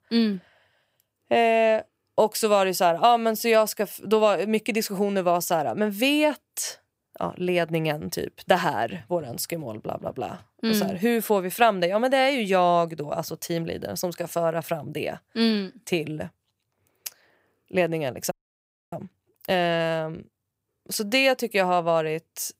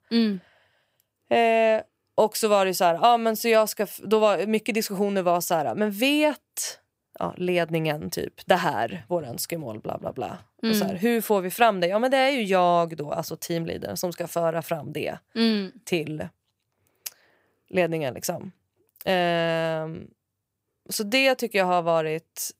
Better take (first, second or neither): second